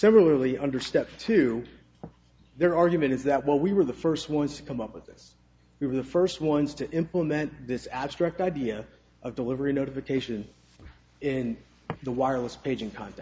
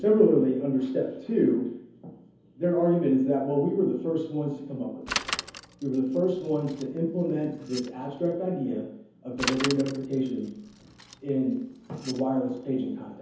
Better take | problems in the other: first | background sound (Bicycle); 11 dB below the speech // room echo; dies away in 0.7 s

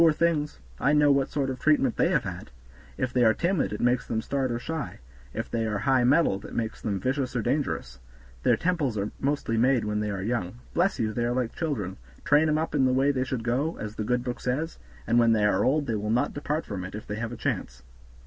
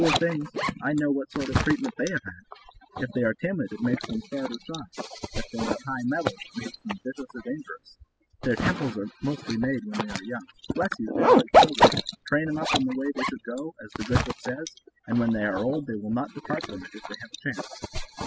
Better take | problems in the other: first | noise reduction (classical method spectral subtraction)

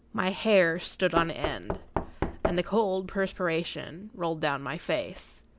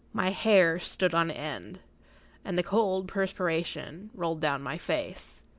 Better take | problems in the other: second | background sound (Knock); 6 dB below the speech

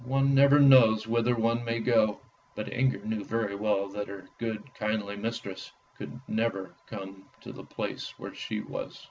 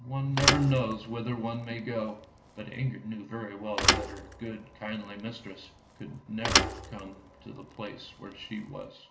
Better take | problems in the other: first | background sound (Thump, thud); 1 dB above the speech // room echo; dies away in 0.9 s

